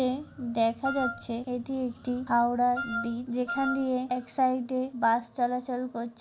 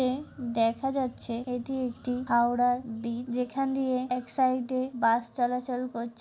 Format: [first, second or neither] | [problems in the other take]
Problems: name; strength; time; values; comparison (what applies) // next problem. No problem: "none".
second | background sound (Wind instrument, woodwind instrument); 7 dB below the speech